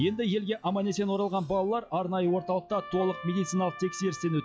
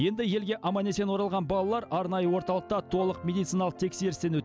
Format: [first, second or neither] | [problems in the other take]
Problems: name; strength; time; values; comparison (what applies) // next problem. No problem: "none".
second | noise reduction (classical method log-MMSE)